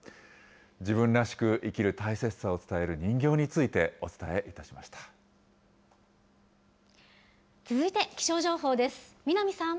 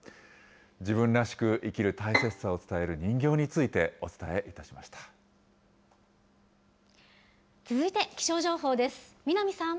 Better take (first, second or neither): first